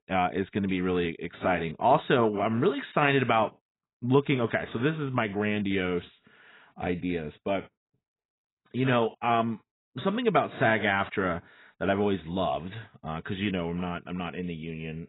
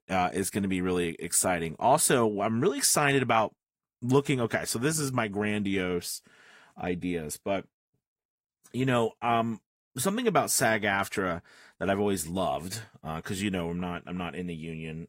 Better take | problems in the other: second | garbled, watery; badly; nothing above 4 kHz; slightly in the second

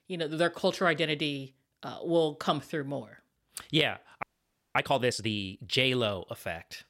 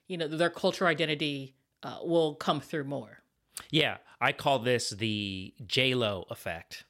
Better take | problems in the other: second | audio freezing; at 4 s for 0.5 s

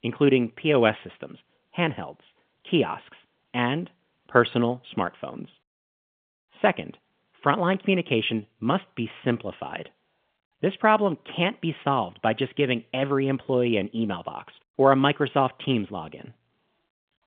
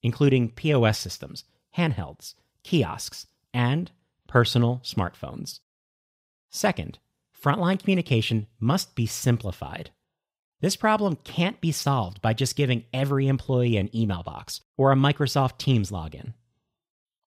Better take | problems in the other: second | phone-call audio; nothing above 3.5 kHz

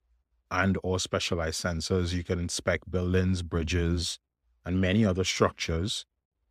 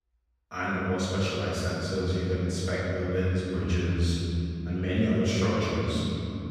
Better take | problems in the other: first | room echo; strong; dies away in 3 s // off-mic speech; far

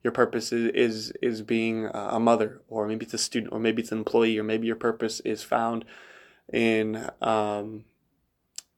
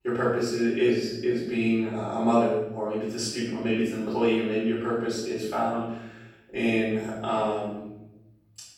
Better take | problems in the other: first | off-mic speech; far // room echo; noticeable; dies away in 1 s

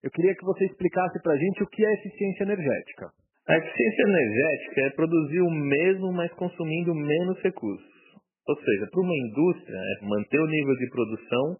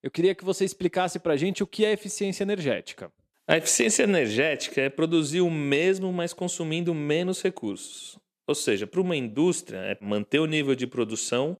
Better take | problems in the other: second | garbled, watery; badly; nothing above 2.5 kHz

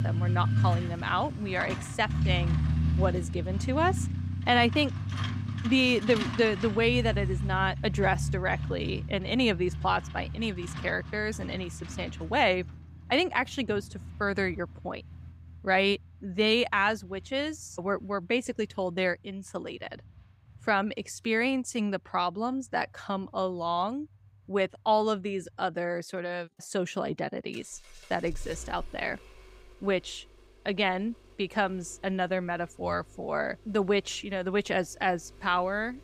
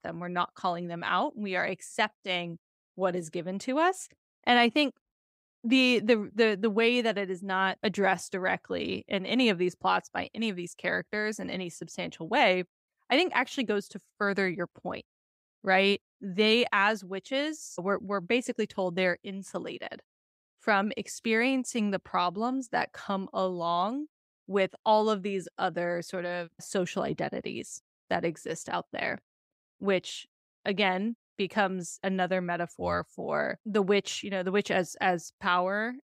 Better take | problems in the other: second | traffic noise; loud; throughout; 4 dB below the speech

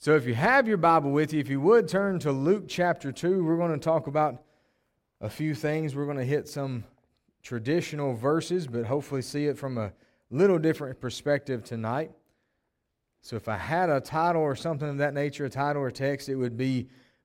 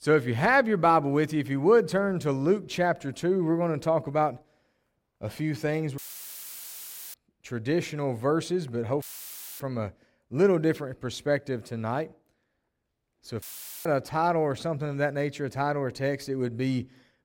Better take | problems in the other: first | audio cutting out; filled with static; at 6 s for 1 s, at 9 s for 0.5 s and at 13 s

